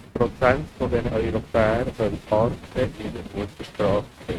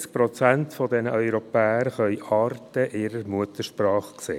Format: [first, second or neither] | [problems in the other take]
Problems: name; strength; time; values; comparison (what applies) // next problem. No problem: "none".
second | noise reduction (neural mask model RNNoise)